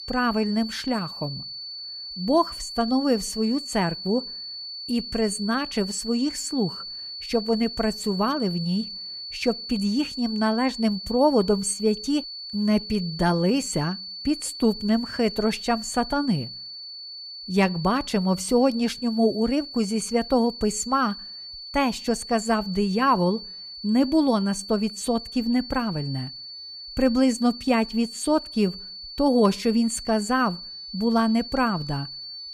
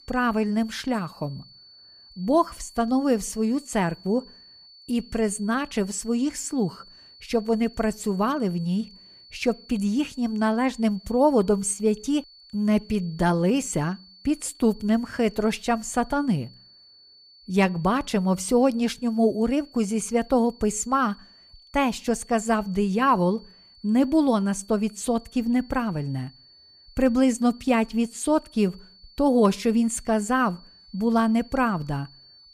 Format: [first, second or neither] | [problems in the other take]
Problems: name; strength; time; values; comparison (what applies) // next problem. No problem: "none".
second | high-pitched whine; loud; throughout; 4.5 kHz, 10 dB below the speech; faint in the second